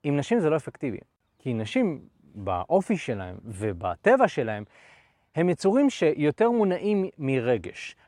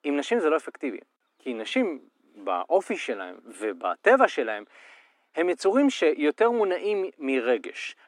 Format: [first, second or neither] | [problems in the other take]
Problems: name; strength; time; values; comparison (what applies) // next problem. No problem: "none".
first | thin; very slightly; fading below 250 Hz